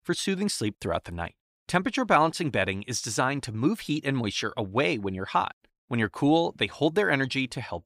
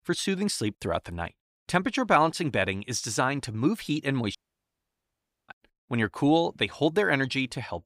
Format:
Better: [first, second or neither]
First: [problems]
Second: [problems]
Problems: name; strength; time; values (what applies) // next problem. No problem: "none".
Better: first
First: none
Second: audio cutting out; at 4.5 s for 1 s